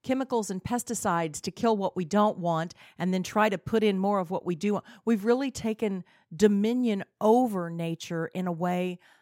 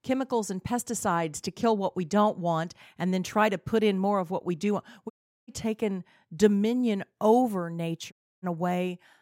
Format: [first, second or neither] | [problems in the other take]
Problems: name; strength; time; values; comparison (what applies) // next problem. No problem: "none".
first | audio cutting out; at 5 s and at 8 s